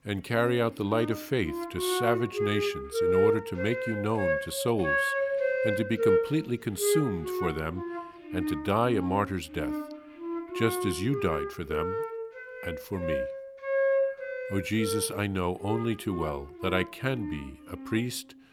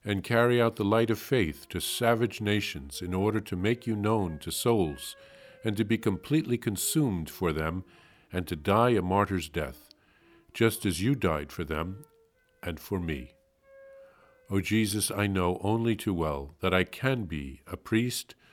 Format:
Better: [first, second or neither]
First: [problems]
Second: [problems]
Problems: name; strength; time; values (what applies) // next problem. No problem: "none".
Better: second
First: background music; loud; throughout; 1 dB below the speech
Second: background music; faint; throughout; 30 dB below the speech